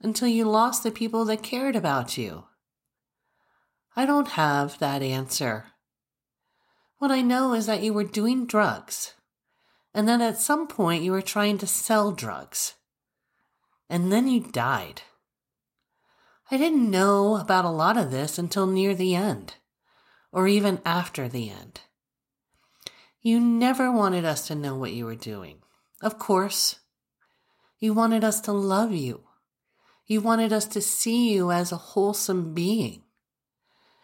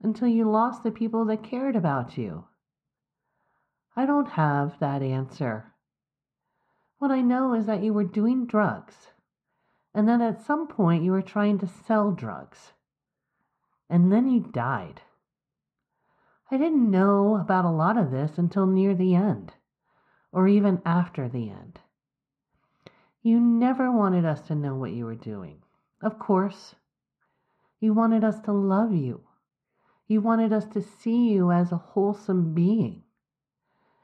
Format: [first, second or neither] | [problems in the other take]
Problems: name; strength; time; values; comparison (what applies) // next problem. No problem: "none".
first | muffled; very; fading above 1.5 kHz